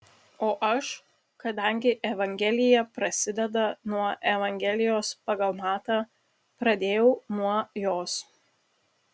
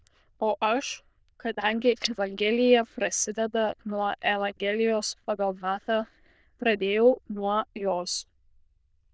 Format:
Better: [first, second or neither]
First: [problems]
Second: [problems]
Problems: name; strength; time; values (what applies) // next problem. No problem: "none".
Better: first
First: none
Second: noise reduction (neural diffusion model UNIVERSE++)